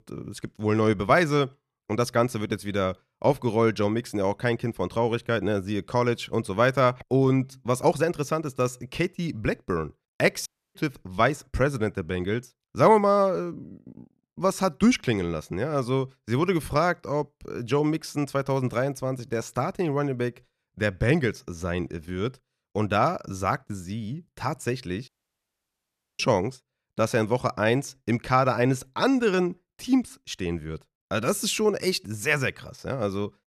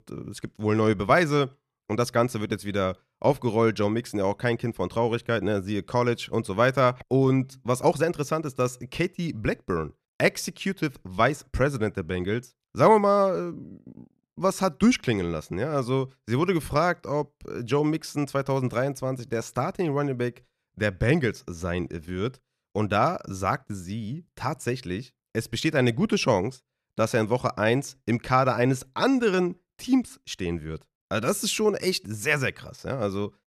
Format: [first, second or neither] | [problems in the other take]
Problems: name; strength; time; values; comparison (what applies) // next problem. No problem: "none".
second | audio cutting out; at 10 s and at 25 s for 1 s